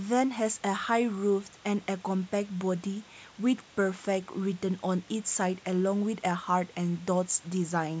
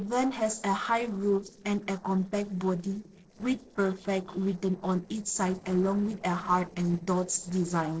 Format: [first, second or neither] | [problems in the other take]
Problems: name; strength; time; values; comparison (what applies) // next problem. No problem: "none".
first | noise reduction (neural separator model SepFormer DNS4)